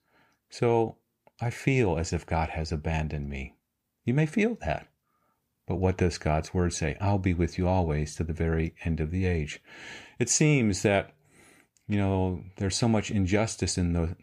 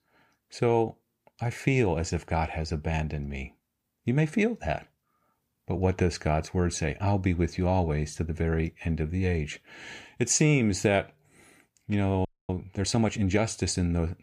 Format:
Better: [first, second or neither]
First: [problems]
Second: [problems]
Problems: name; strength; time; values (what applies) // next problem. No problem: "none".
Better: first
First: none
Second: audio freezing; at 12 s